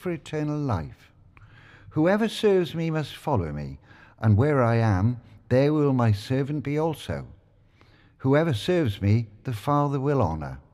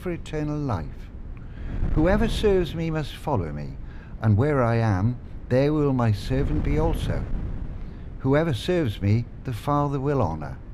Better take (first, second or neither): first